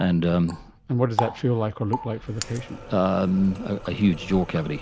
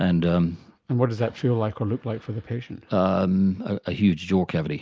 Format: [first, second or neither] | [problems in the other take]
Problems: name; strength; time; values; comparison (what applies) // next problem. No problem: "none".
second | background sound (Water tap, faucet); 12 dB below the speech